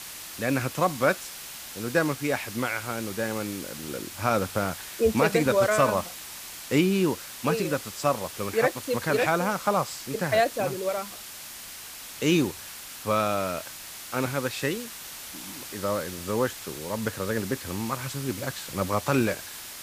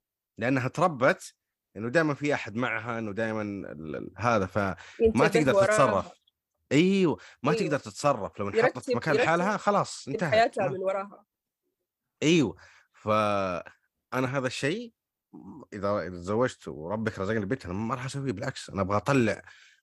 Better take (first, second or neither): second